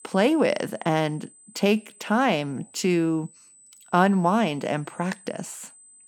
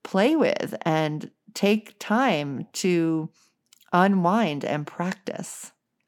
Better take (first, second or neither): second